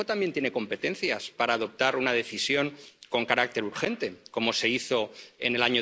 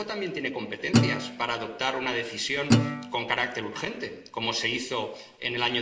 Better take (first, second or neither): first